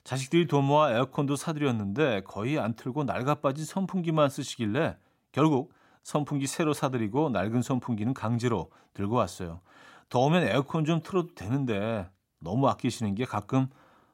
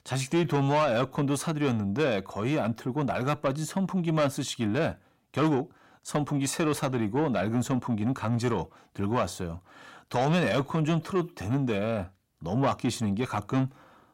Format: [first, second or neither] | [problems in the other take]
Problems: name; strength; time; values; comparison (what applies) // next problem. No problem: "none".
first | distortion; slight; 10 dB below the speech